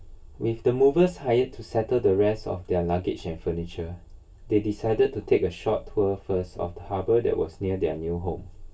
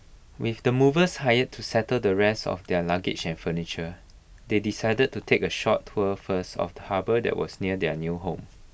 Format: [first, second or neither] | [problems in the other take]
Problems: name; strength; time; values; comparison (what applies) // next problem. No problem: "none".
second | room echo; dies away in 0.2 s